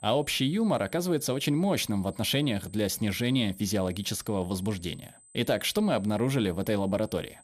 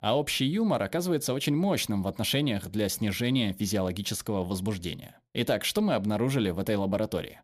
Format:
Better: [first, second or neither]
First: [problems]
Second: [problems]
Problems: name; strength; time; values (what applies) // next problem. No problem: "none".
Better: second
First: high-pitched whine; faint; throughout; 8 kHz, 25 dB below the speech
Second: none